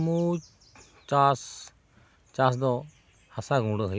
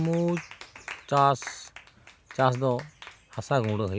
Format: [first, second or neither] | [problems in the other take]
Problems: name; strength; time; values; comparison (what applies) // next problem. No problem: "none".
first | background sound (Clapping); 18 dB below the speech